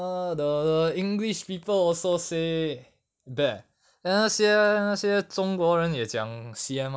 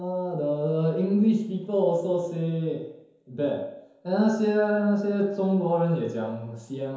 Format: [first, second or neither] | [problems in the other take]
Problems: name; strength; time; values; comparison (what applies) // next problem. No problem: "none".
first | room echo; dies away in 0.9 s